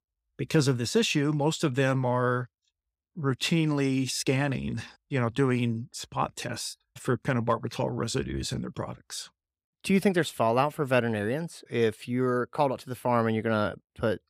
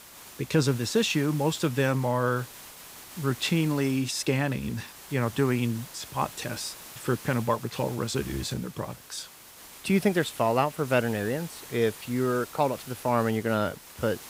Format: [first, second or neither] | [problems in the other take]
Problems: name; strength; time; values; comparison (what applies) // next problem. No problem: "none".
first | hiss; noticeable; throughout; 15 dB below the speech